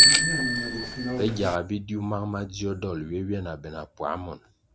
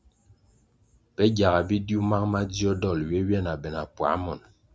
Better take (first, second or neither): second